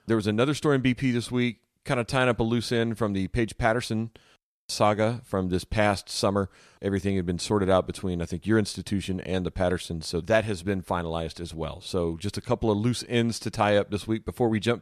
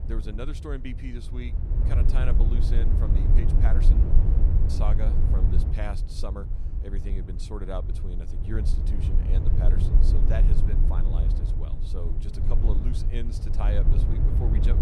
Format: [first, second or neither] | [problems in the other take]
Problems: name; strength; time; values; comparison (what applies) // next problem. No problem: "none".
first | low rumble; loud; throughout; 1 dB below the speech